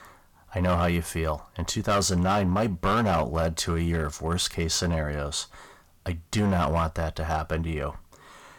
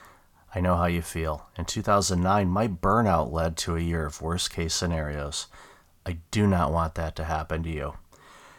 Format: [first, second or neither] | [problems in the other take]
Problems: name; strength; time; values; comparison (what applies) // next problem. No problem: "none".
second | distortion; slight; 6% of the sound clipped